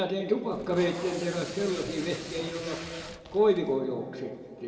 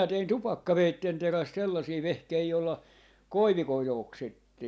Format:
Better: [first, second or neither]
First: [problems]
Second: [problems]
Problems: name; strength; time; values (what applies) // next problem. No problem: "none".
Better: second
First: background sound (Packing tape, duct tape); 13 dB below the speech // room echo; dies away in 1.9 s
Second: none